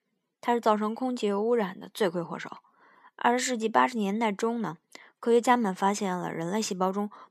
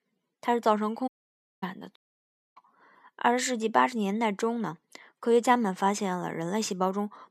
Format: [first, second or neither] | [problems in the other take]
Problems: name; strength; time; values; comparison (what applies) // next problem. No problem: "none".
first | audio cutting out; at 1 s for 0.5 s and at 2 s for 0.5 s